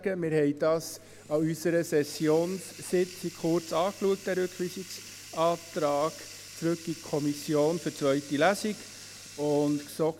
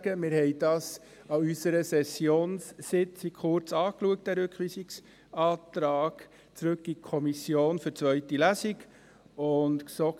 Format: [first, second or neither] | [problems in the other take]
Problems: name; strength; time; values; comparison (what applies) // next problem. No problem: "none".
second | background sound (Bathtub (filling or washing)); 18 dB below the speech